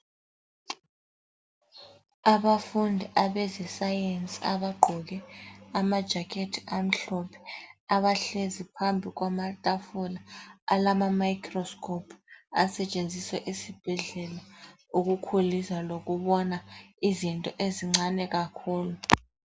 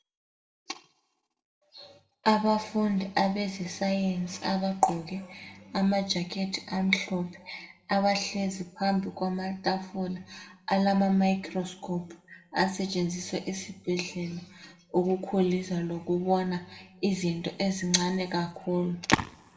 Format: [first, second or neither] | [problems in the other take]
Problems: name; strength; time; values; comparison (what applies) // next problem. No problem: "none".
first | room echo; dies away in 0.5 s